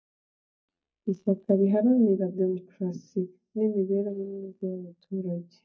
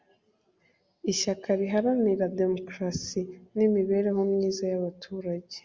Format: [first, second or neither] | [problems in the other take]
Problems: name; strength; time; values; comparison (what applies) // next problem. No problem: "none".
second | noise reduction (neural mask model DeepFilterNet 3)